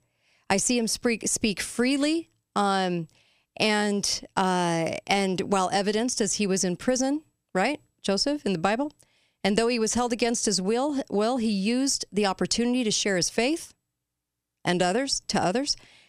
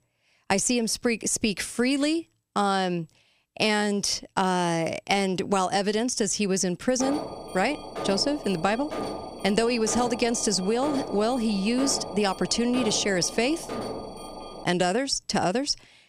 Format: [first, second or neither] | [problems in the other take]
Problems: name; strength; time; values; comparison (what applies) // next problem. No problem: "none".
first | alarm; noticeable; from 7 to 15 s; peak 7 dB below the speech